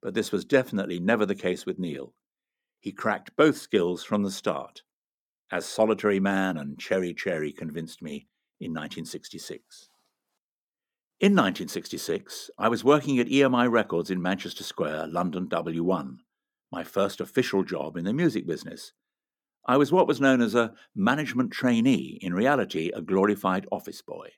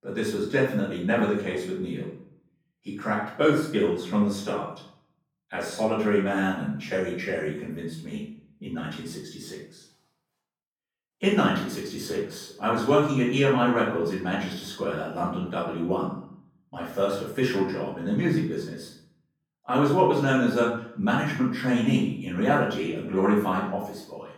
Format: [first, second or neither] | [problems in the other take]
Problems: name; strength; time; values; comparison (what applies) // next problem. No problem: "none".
first | off-mic speech; far // room echo; noticeable; dies away in 0.6 s